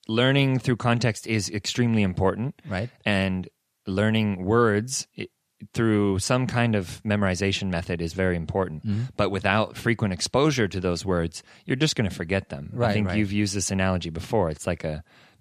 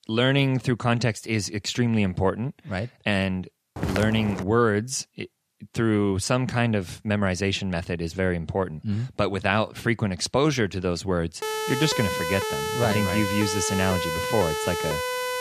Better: first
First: none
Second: footsteps; noticeable; at 4 s; peak 4 dB below the speech // siren; noticeable; from 11 s on; peak 2 dB below the speech

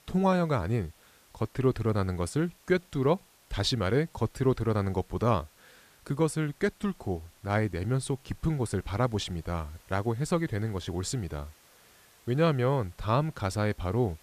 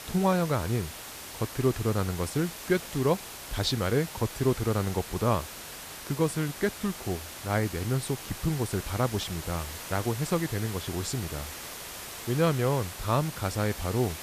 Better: first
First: hiss; faint; throughout; 30 dB below the speech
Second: hiss; loud; throughout; 9 dB below the speech

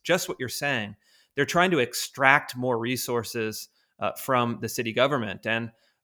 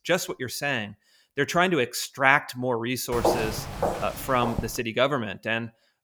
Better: first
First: none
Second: footsteps; loud; from 3 to 4.5 s; peak level with the speech

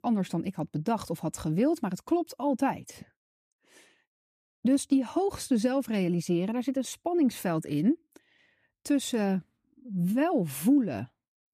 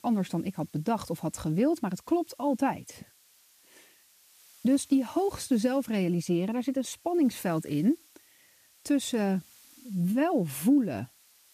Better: first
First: none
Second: hiss; faint; throughout; 25 dB below the speech

